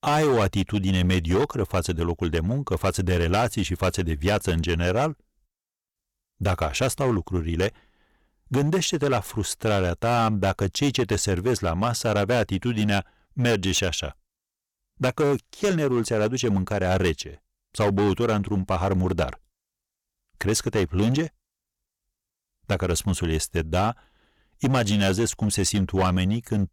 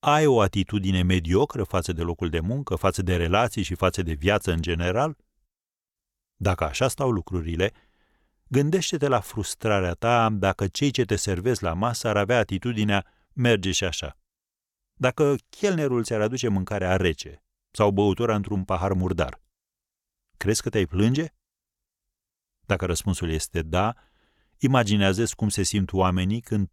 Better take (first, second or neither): second